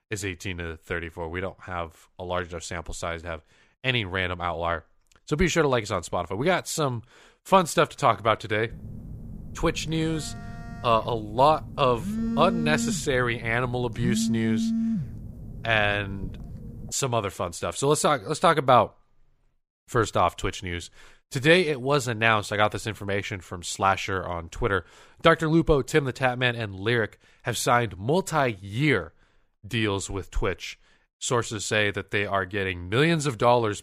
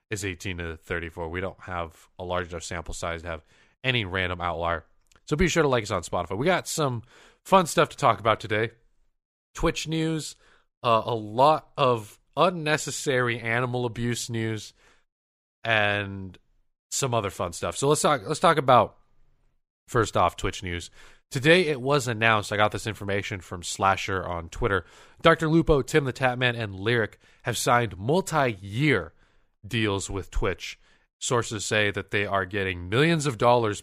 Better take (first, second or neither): second